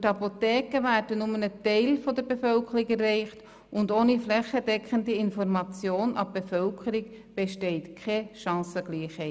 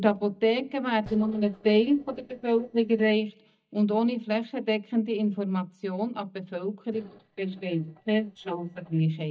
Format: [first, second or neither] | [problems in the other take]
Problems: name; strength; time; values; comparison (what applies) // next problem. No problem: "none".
first | noise reduction (neural mask model DeepFilterNet 3)